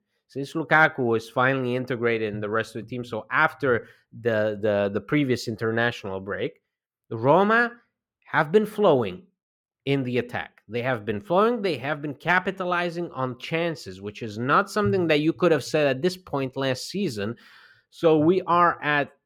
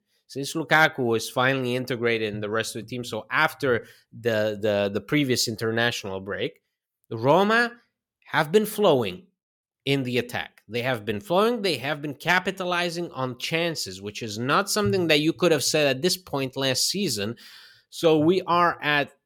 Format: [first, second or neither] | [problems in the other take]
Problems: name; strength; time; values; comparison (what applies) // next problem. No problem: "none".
second | muffled; slightly; fading above 3 kHz